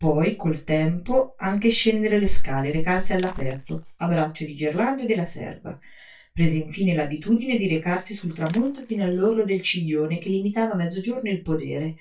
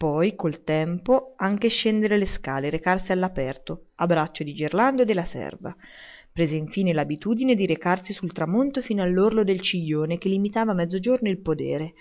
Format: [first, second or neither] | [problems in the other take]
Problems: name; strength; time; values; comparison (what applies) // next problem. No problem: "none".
second | noise reduction (neural mask model DeepFilterNet 3)